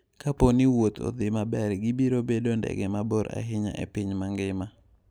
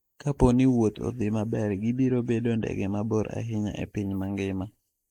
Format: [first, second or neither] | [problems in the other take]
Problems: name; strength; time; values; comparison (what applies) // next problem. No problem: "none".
first | noise reduction (neural mask model Resemble Enhance denoiser)